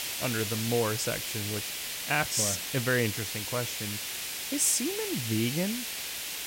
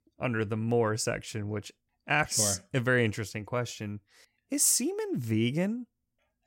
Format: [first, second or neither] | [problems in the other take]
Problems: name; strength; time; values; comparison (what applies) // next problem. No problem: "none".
second | hiss; loud; throughout; 3 dB below the speech